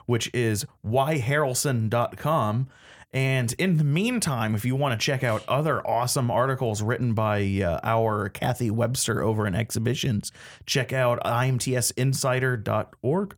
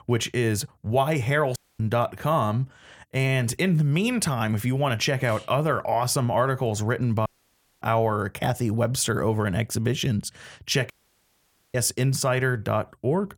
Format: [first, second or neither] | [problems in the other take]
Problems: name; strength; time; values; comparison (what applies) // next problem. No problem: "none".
first | audio cutting out; at 1.5 s, at 7.5 s for 0.5 s and at 11 s for 1 s